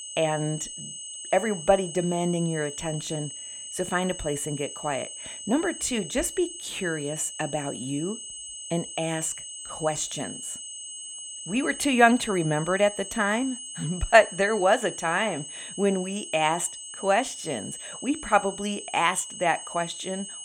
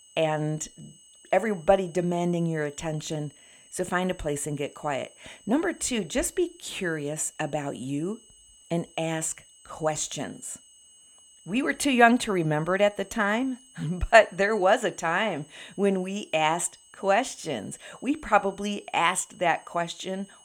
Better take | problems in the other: second | high-pitched whine; loud; throughout; 8 kHz, 10 dB below the speech; faint in the second

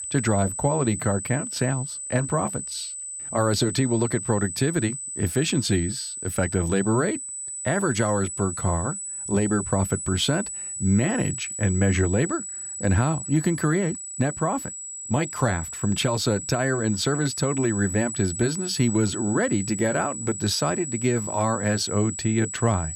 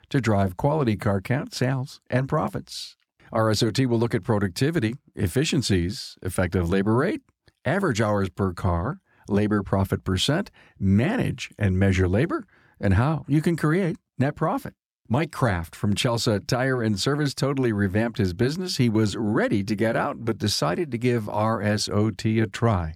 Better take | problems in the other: second | high-pitched whine; loud; throughout; 8 kHz, 6 dB below the speech

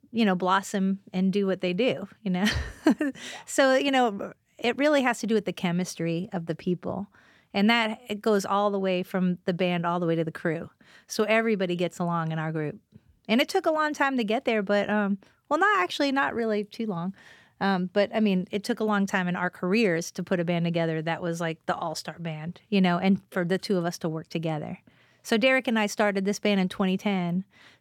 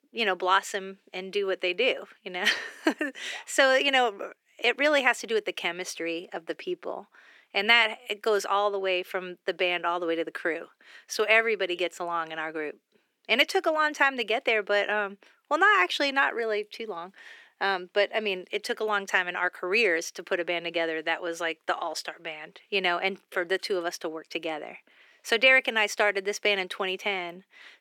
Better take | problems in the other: first | thin; very; fading below 350 Hz

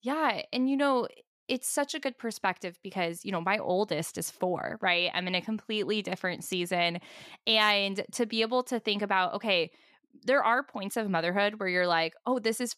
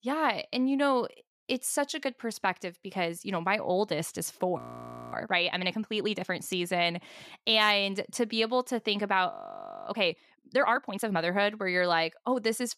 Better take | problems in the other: first | audio freezing; at 4.5 s for 0.5 s and at 9.5 s for 0.5 s

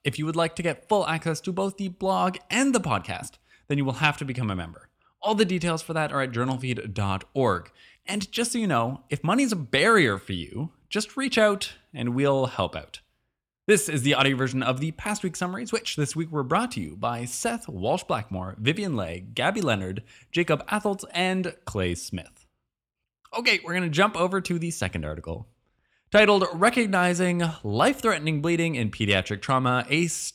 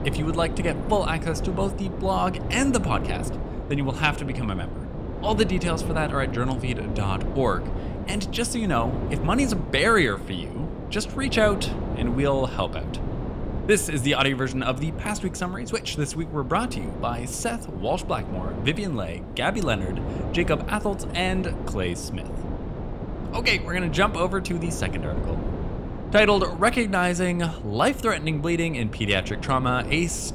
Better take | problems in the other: first | wind noise on the microphone; occasional gusts; 10 dB below the speech

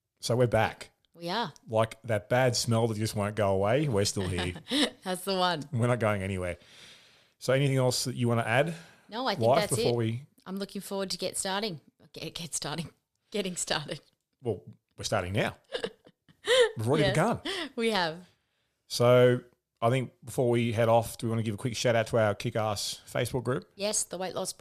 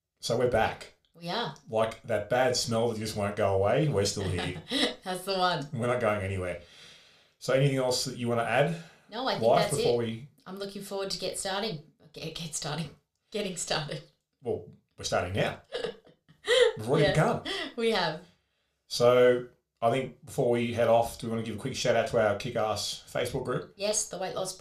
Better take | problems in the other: first | room echo; very slight; dies away in 0.3 s

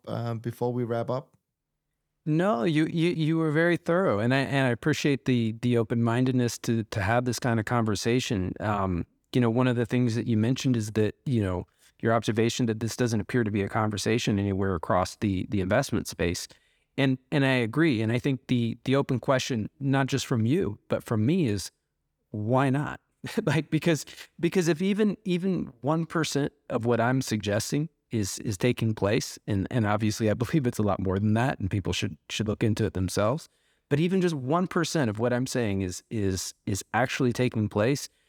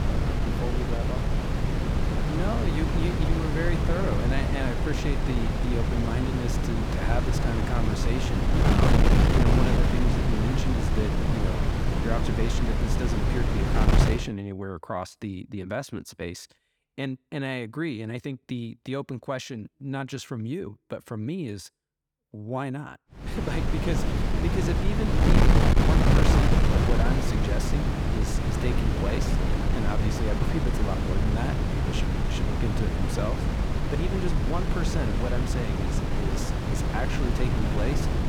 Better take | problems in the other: first | wind noise on the microphone; heavy; until 14 s and from 23 s on; 3 dB above the speech

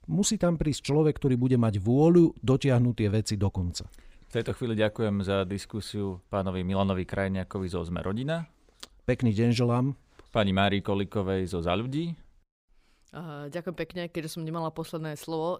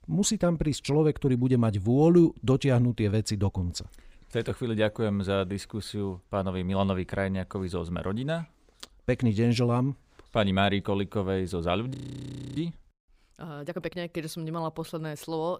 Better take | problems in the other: first | audio freezing; at 12 s for 0.5 s

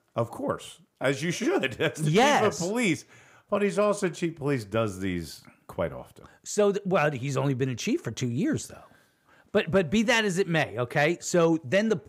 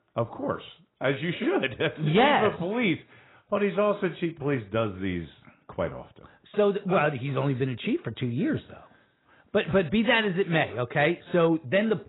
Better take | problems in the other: first | garbled, watery; badly; nothing above 4 kHz

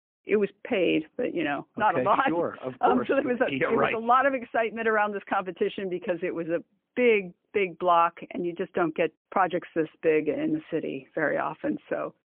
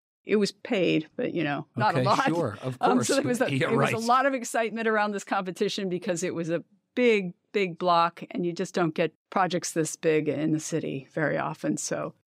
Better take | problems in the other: second | phone-call audio; poor line

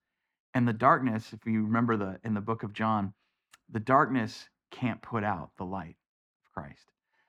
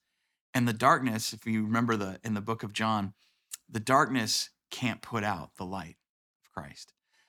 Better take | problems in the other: second | muffled; very; fading above 3.5 kHz

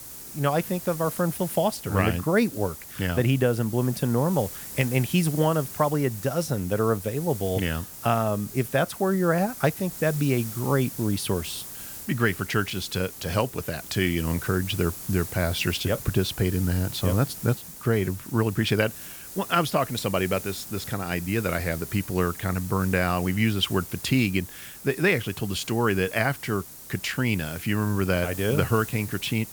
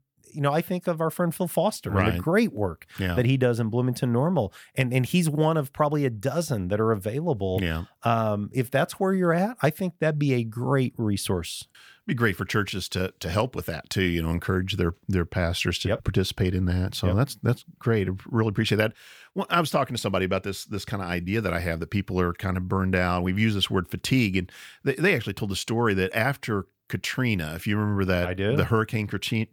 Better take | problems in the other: second | hiss; noticeable; throughout; 10 dB below the speech

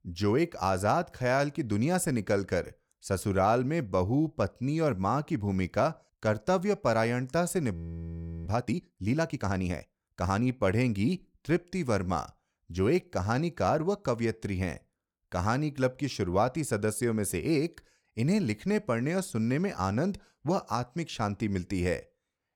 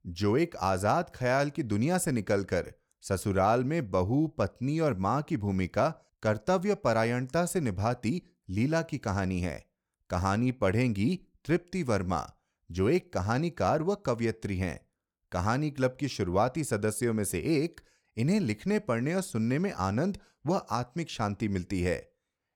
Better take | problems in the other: second | audio freezing; at 7.5 s for 0.5 s

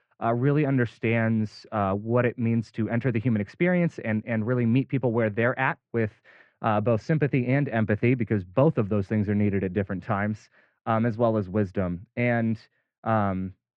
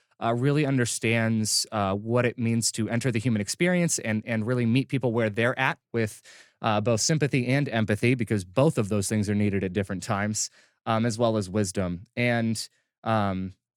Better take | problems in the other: second | muffled; very; fading above 2 kHz

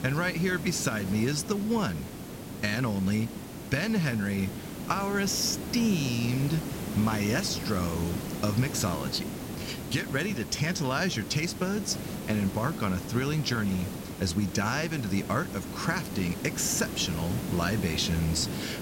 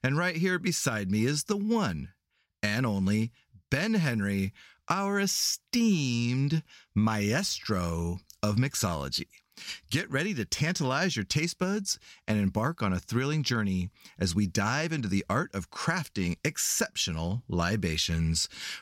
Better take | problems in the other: second | hiss; loud; throughout; 7 dB below the speech

